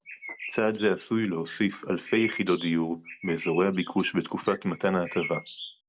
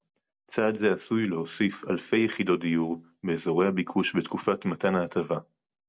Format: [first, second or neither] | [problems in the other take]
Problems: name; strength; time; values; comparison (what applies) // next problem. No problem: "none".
second | background sound (Bird); 14 dB below the speech